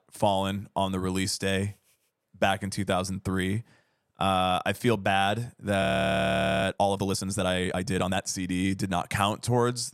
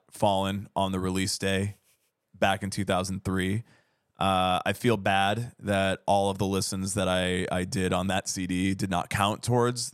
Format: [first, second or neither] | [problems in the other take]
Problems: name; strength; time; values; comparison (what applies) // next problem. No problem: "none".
second | audio freezing; at 6 s for 1 s